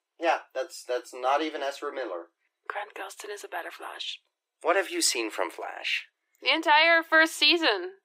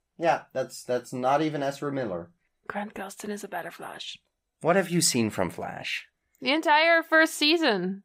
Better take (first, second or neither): second